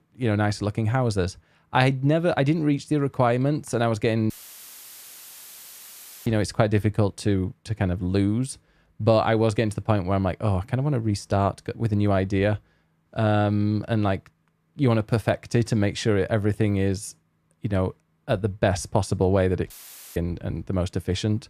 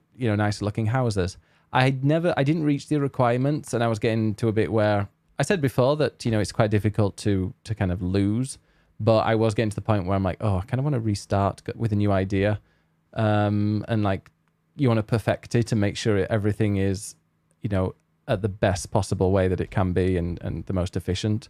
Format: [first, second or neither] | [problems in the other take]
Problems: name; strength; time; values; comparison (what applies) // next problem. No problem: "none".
second | audio cutting out; filled with static; at 4.5 s for 2 s and at 20 s